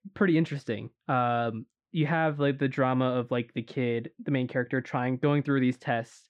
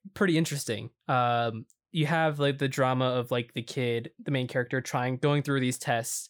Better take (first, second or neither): second